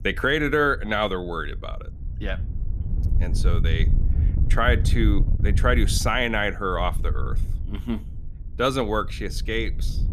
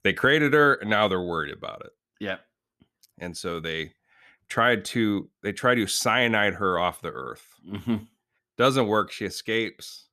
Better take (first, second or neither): second